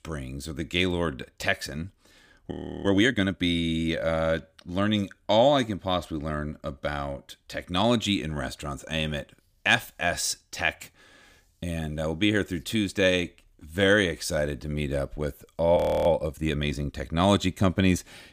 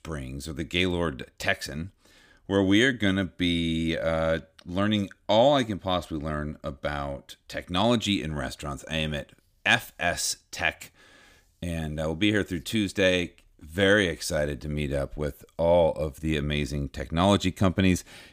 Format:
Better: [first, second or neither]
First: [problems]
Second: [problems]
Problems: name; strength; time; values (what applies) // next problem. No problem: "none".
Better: second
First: audio freezing; at 2.5 s and at 16 s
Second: none